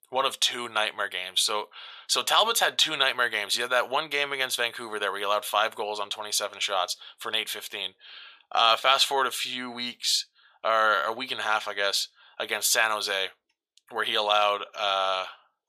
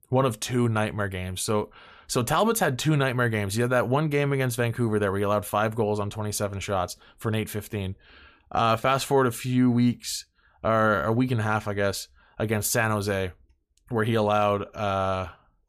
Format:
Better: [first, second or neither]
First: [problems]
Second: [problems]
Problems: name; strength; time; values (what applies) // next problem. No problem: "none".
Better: second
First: thin; very; fading below 750 Hz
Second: none